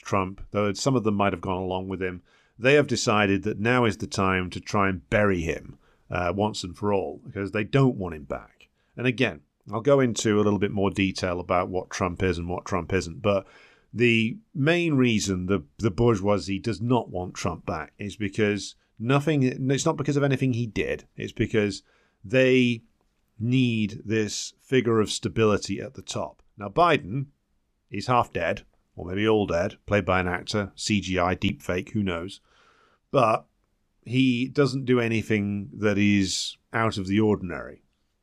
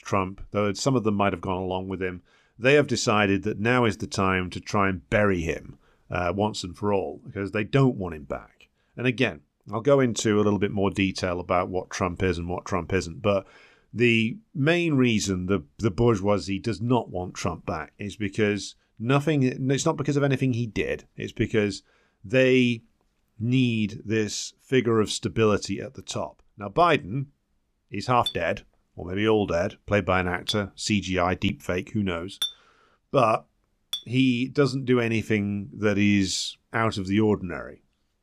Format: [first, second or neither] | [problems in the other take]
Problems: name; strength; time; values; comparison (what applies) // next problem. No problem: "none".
first | clattering dishes; noticeable; from 28 to 34 s; peak 5 dB below the speech